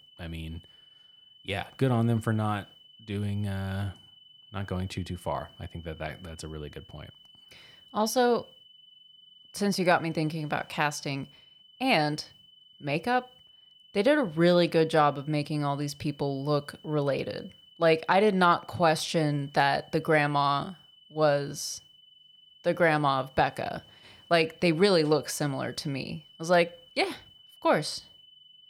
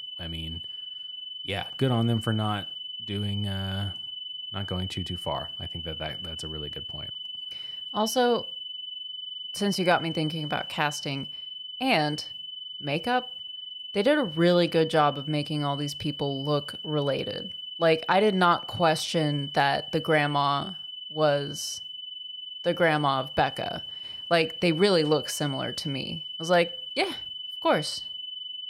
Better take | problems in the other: first | high-pitched whine; loud; throughout; 3 kHz, 8 dB below the speech; faint in the first

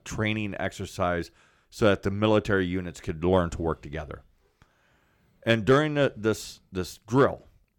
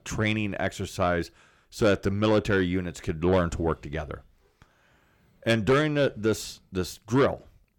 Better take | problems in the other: first | distortion; slight; 10 dB below the speech

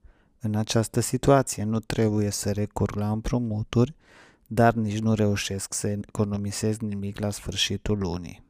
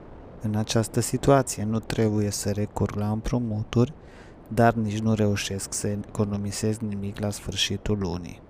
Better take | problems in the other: first | wind noise on the microphone; occasional gusts; 20 dB below the speech

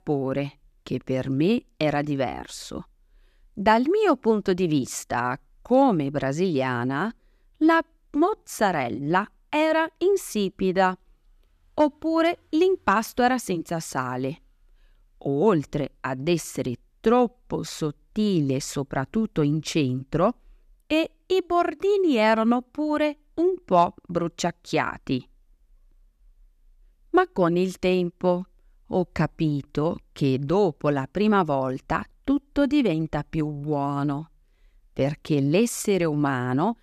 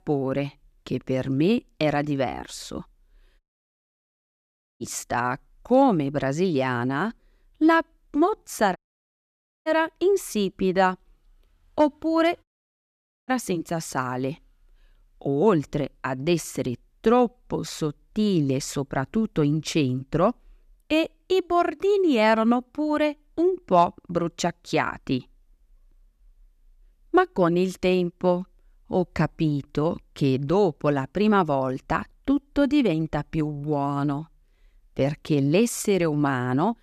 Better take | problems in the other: first | audio cutting out; at 3.5 s for 1.5 s, at 9 s for 1 s and at 12 s for 1 s

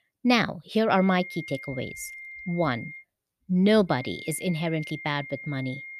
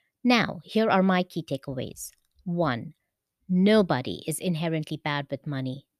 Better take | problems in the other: second | high-pitched whine; noticeable; from 1 to 3 s and from 4 s on; 2 kHz, 15 dB below the speech

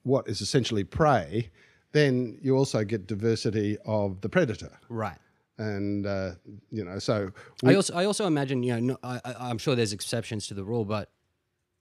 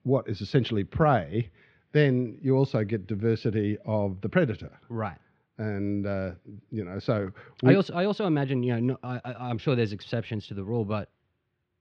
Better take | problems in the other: first | muffled; slightly; fading above 3.5 kHz

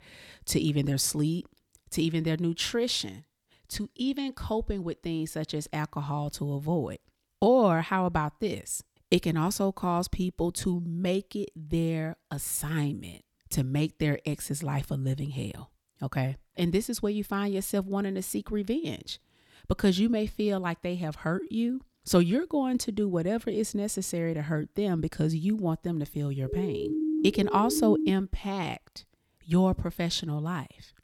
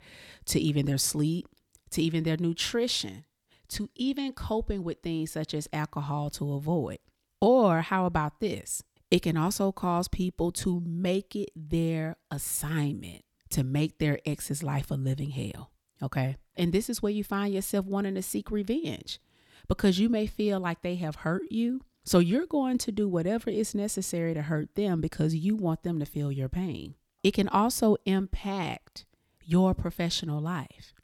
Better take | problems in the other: second | siren; loud; from 26 to 28 s; peak level with the speech

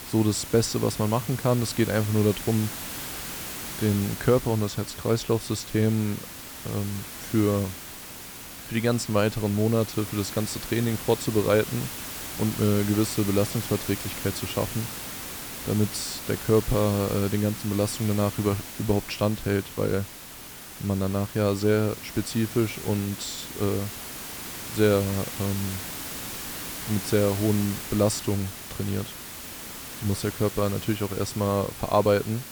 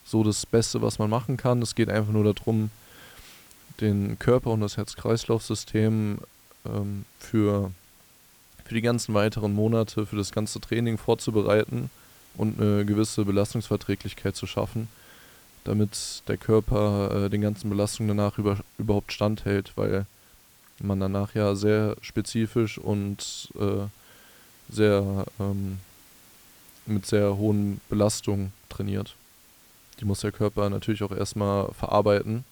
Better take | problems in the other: second | hiss; loud; throughout; 9 dB below the speech; faint in the second

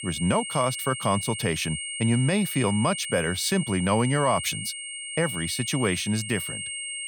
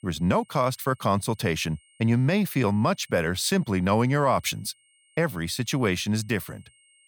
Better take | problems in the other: second | high-pitched whine; loud; throughout; 8.5 kHz, 6 dB below the speech; faint in the second

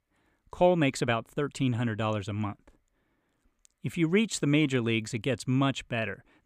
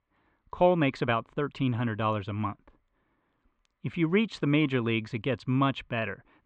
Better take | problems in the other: first | muffled; slightly; fading above 3.5 kHz

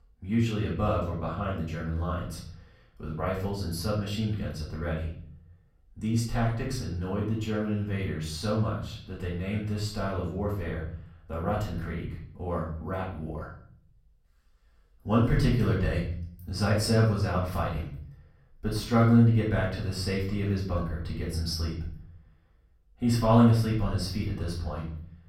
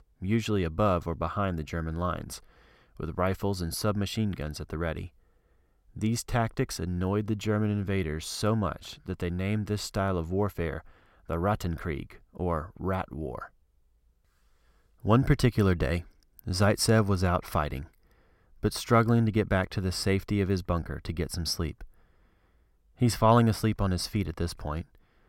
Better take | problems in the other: second | off-mic speech; far // room echo; noticeable; dies away in 0.6 s

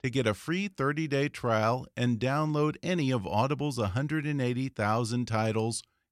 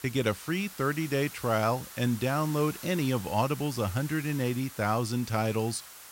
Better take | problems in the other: first | hiss; noticeable; throughout; 15 dB below the speech

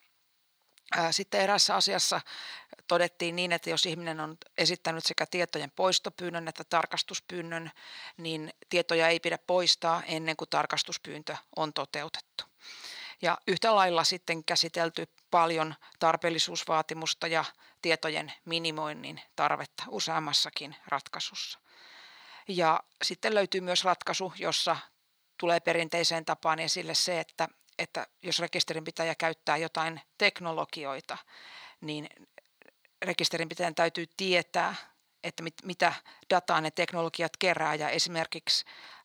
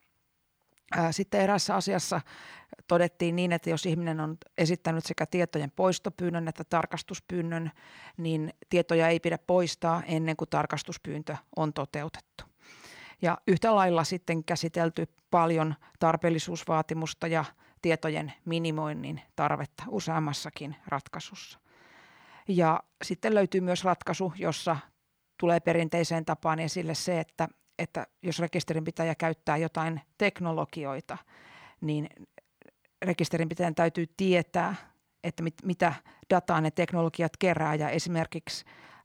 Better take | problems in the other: second | thin; somewhat; fading below 850 Hz

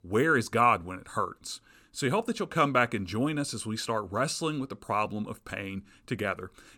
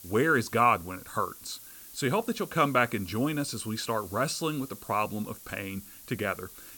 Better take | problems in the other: first | hiss; noticeable; throughout; 15 dB below the speech

